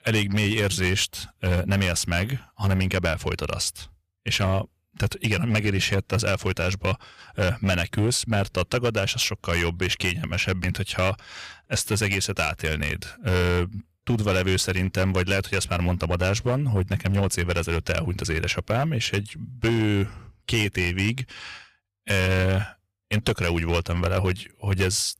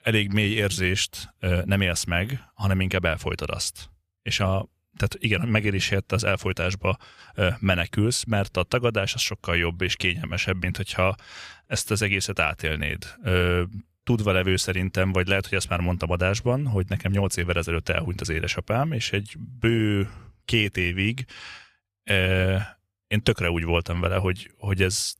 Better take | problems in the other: second | distortion; slight; 7% of the sound clipped

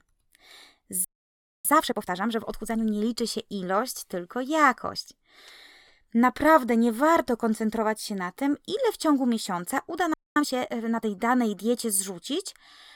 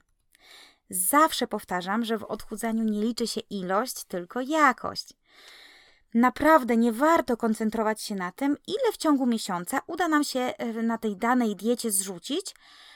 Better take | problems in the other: second | audio freezing; at 1 s for 0.5 s and at 10 s

